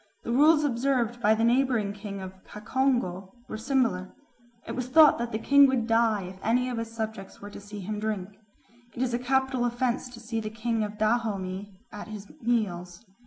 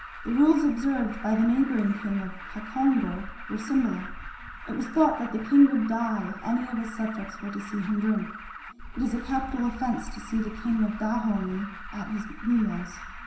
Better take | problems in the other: first | background sound (Alarm); 13 dB below the speech // room echo; dies away in 0.7 s

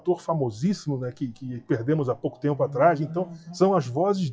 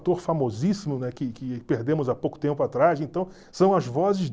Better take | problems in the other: second | noise reduction (classical method WPE with log-MMSE)

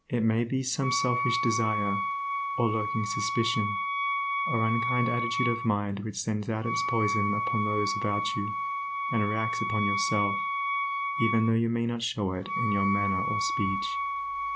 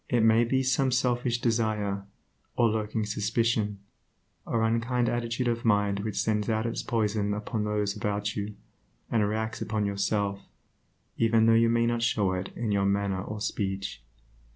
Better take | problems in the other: second | background sound (Wind instrument, woodwind instrument); 1 dB below the speech

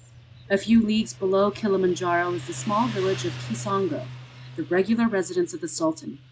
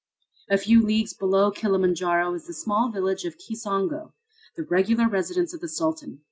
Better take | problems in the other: second | background sound (Motorcycle); 14 dB below the speech

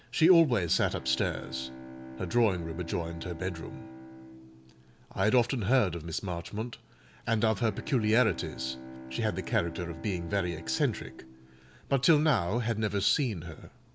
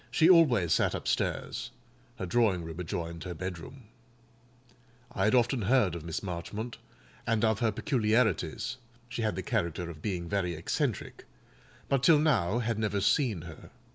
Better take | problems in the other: second | background sound (Bowed string instrument); 16 dB below the speech

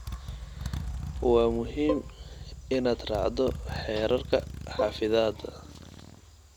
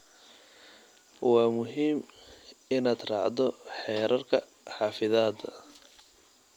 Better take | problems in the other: second | background sound (Bowed string instrument + Motorcycle); 7 dB below the speech

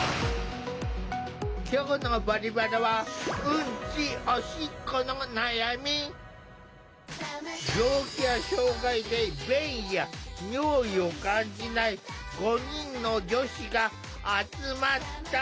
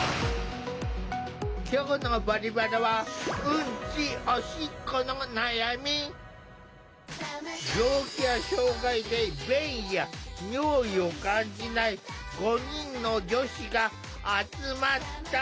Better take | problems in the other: second | background sound (Fireworks); 19 dB below the speech

